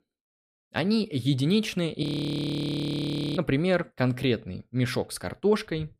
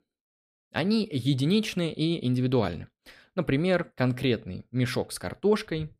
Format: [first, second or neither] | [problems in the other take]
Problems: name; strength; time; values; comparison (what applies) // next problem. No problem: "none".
second | audio freezing; at 2 s for 1.5 s